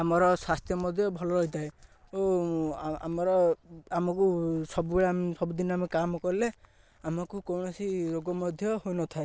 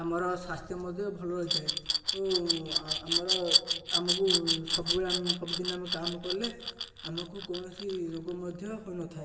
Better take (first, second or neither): first